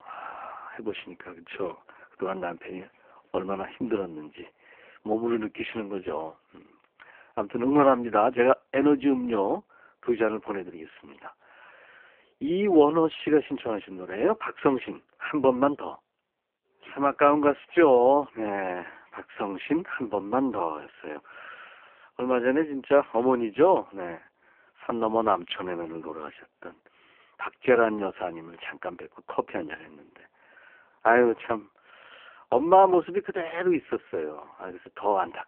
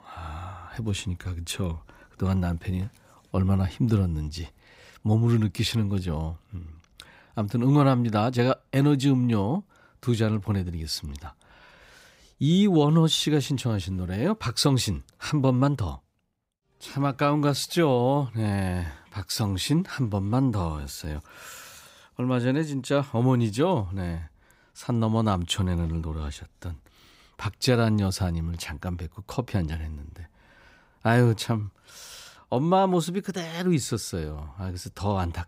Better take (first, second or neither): second